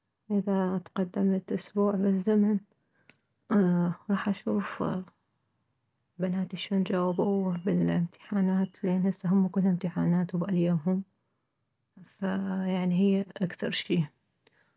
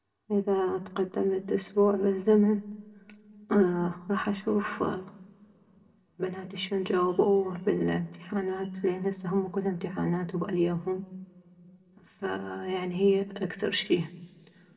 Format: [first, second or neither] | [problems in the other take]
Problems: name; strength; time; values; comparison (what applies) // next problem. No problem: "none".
first | room echo; dies away in 2.1 s